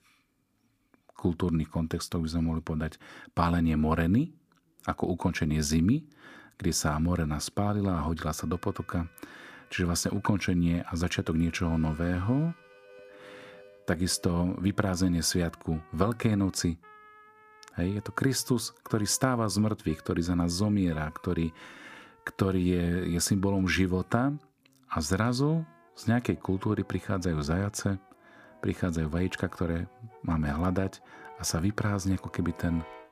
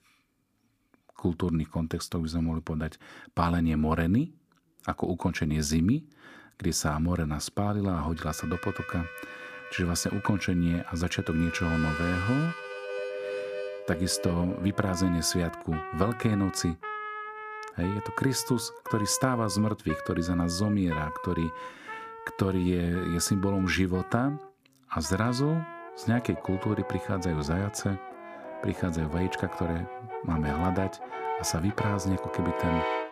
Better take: first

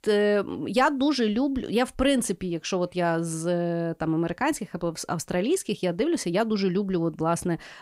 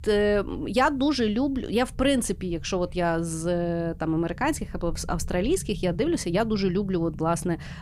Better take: first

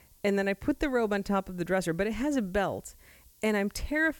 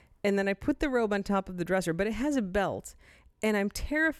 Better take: second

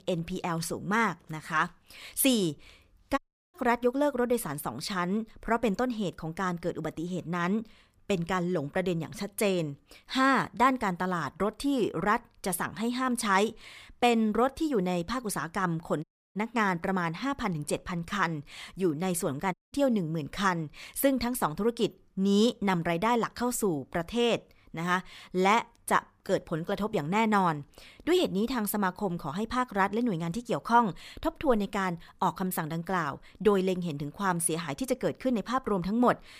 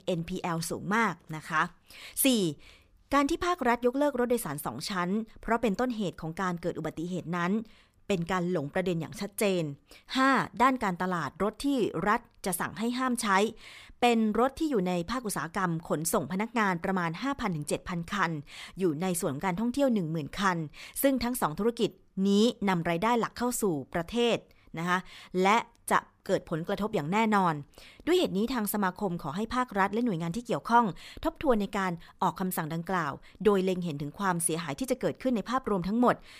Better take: second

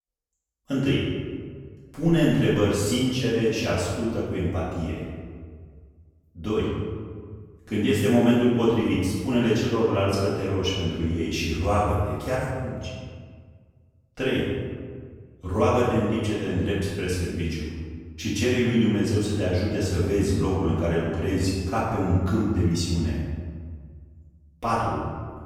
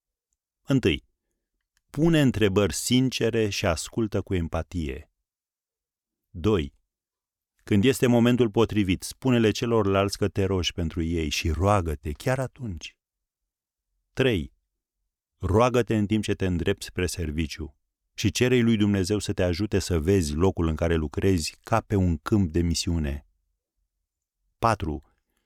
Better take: second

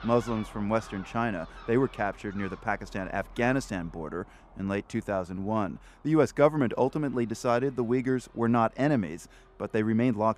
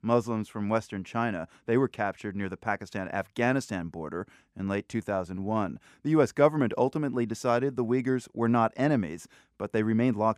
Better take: second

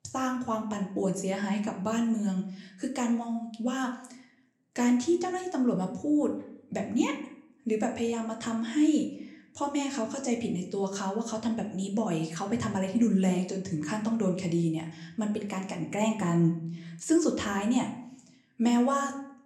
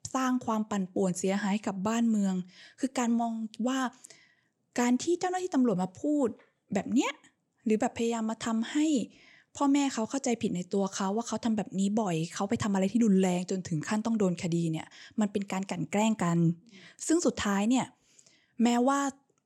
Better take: second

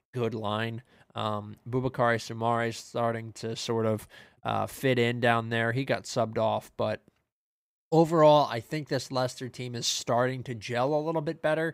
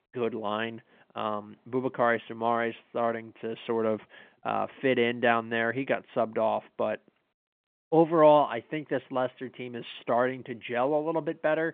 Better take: first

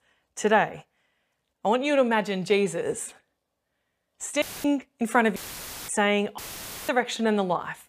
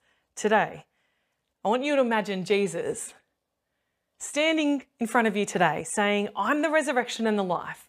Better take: second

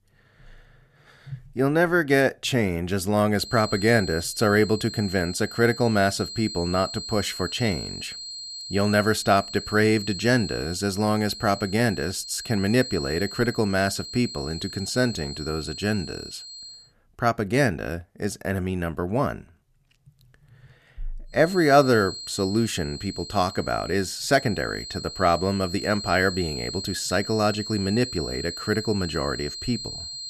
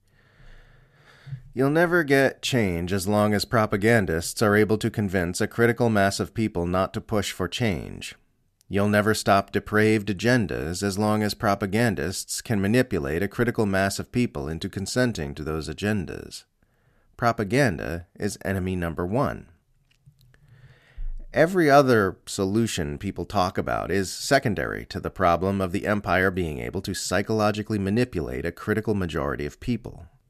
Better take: second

